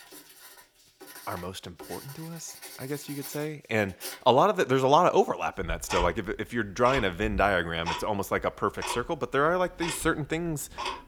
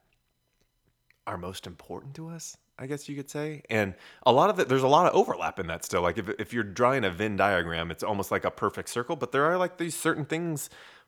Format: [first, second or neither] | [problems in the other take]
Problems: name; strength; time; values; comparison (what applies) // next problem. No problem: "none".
second | household noises; noticeable; throughout; 10 dB below the speech